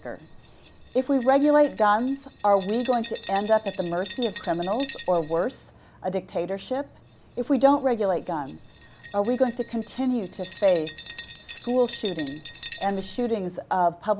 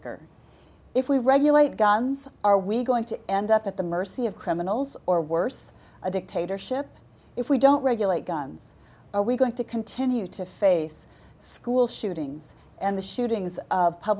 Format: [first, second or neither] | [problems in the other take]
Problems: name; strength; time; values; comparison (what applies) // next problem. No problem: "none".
second | background sound (Glass); 19 dB below the speech